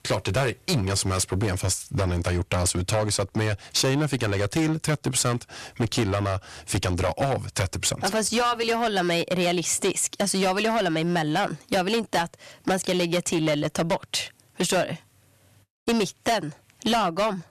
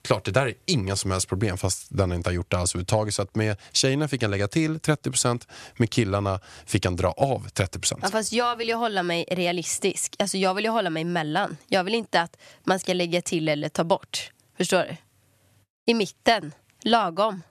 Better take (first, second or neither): second